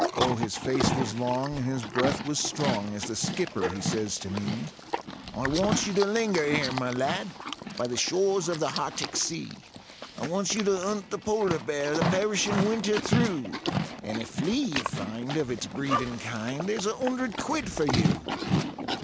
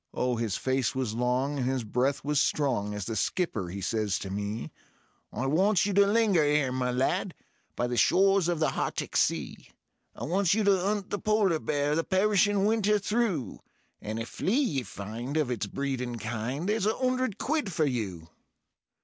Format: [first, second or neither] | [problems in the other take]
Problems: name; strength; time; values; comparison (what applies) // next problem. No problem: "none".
second | background sound (Livestock, farm animals, working animals); 3 dB below the speech